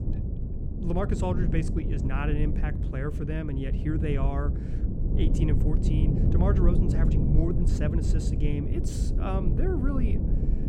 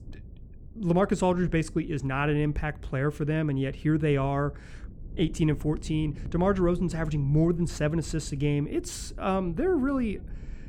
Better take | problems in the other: second | low rumble; loud; throughout; 3 dB below the speech; faint in the second

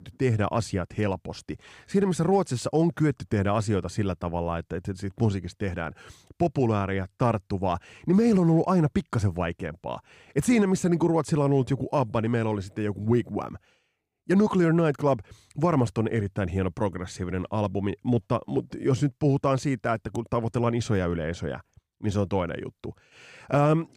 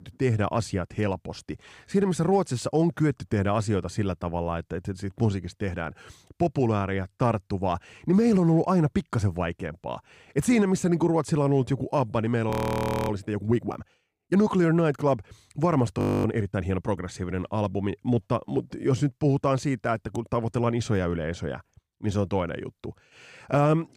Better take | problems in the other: first | audio freezing; at 13 s for 0.5 s and at 16 s

